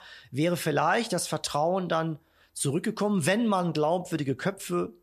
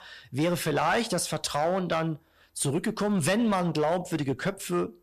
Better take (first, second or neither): first